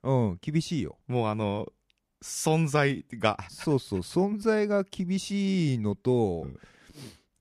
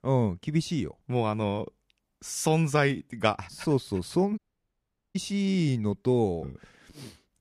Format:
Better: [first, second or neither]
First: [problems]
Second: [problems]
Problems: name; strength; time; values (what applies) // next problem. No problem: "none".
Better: first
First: none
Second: audio cutting out; at 4.5 s for 1 s